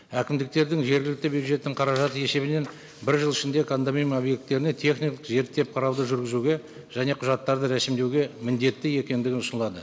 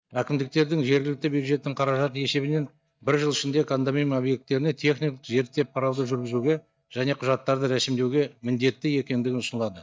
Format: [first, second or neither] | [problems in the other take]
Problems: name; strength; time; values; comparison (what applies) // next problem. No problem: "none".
first | noise reduction (neural mask model DeepFilterNet 3)